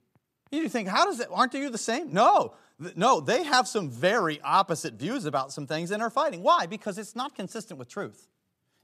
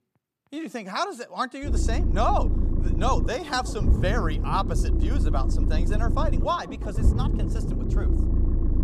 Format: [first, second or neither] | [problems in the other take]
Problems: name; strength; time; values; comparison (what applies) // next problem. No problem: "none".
first | low rumble; loud; from 1.5 s on; 9 dB below the speech